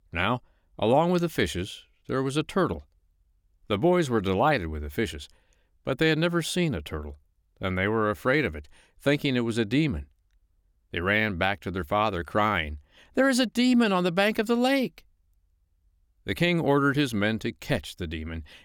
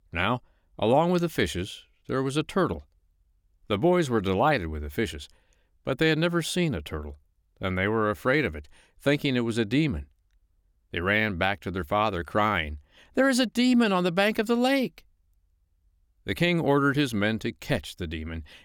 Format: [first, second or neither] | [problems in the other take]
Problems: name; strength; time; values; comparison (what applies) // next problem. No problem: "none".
neither | none